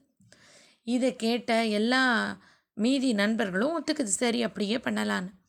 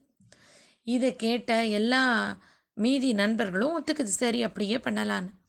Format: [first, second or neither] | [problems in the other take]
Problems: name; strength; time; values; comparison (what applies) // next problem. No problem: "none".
first | garbled, watery; slightly; nothing above 19.5 kHz